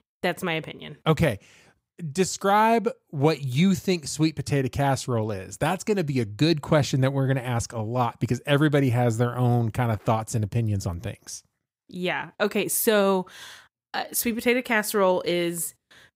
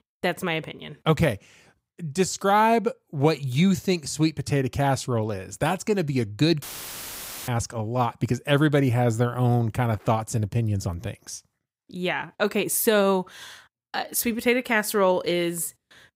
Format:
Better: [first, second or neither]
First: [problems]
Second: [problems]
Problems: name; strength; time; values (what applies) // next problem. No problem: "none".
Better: first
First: none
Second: audio cutting out; filled with static; at 6.5 s for 1 s